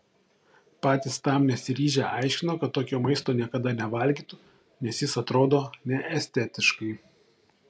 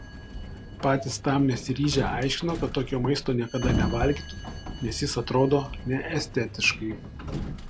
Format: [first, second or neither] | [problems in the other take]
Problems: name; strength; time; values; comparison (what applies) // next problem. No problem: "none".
first | background sound (Sliding door); 7 dB below the speech